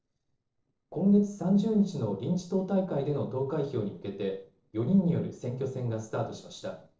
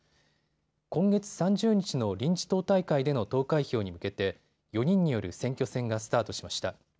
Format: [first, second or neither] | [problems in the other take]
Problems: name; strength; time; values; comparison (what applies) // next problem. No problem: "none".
second | noise reduction (neural separator model SepFormer DNS4)